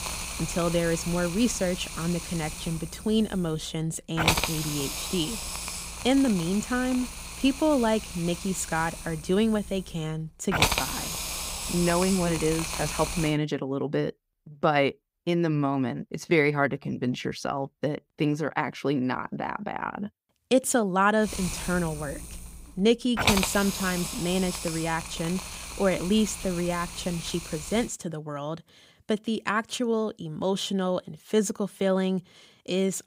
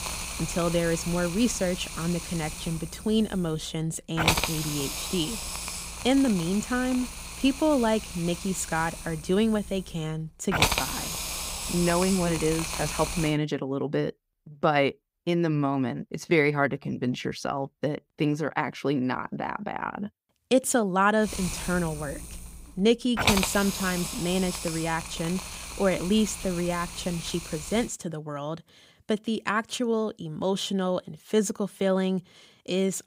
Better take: neither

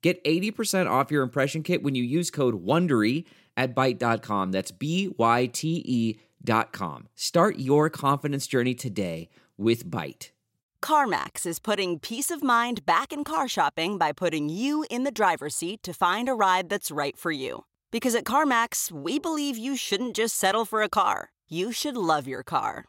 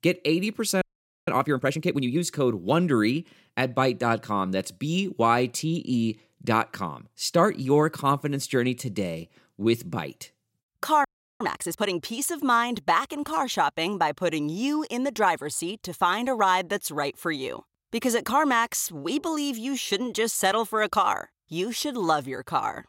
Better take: first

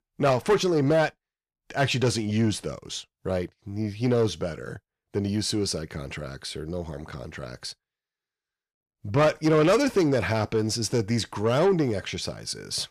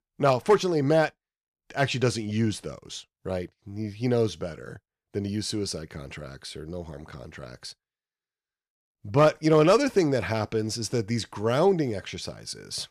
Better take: second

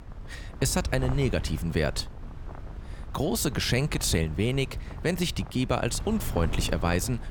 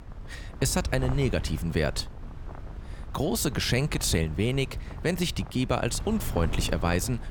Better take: neither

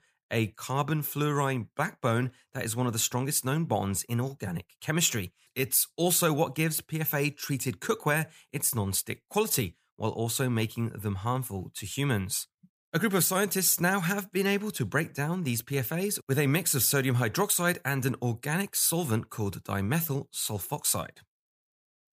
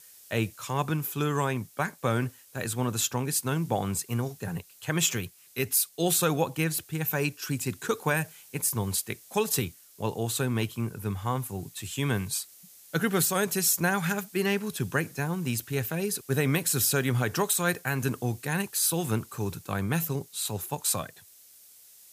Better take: first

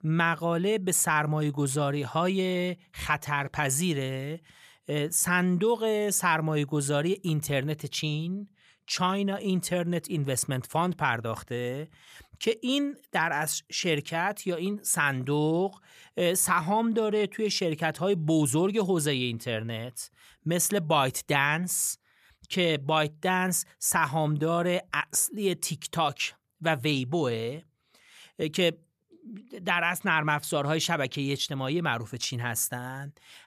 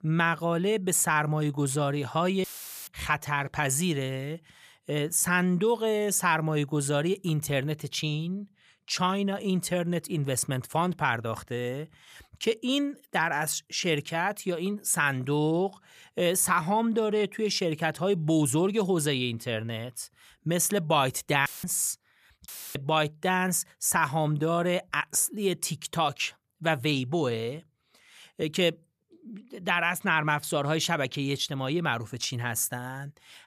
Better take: first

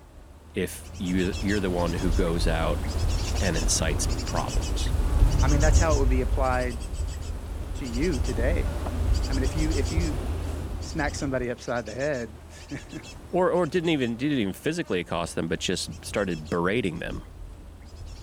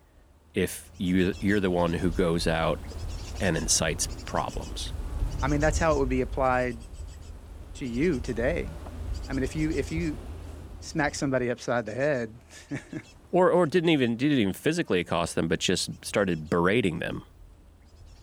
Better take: second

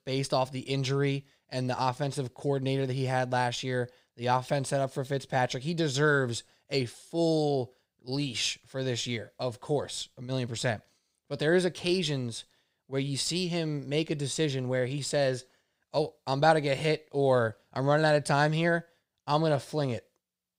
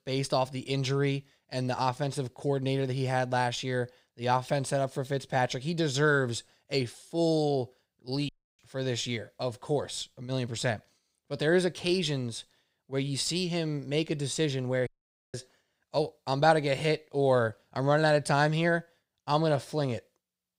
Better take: first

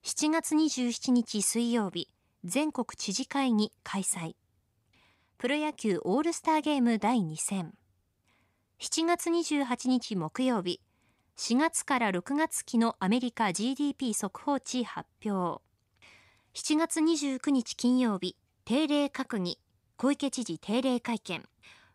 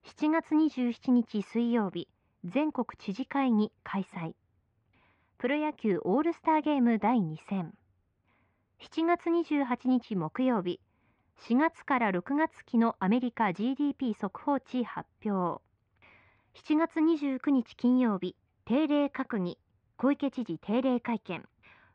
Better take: first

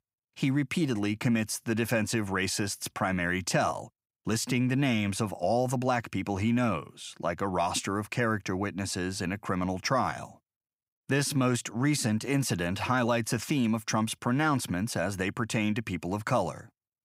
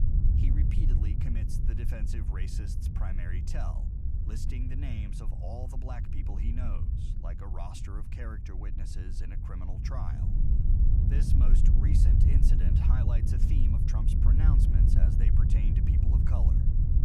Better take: first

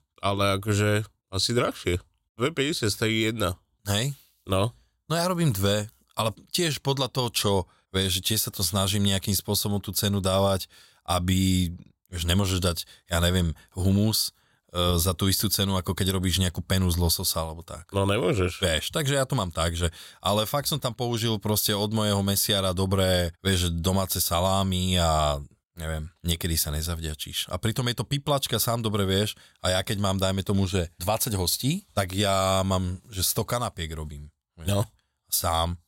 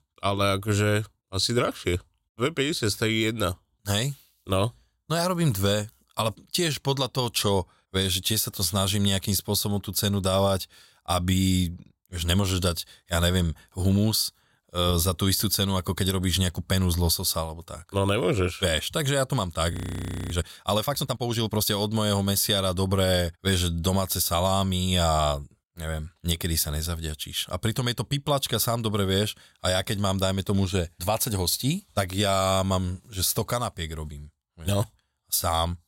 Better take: first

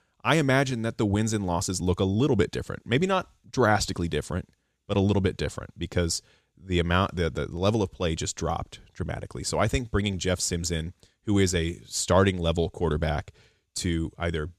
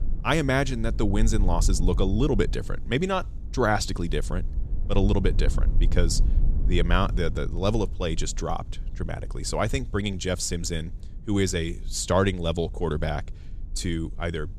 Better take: first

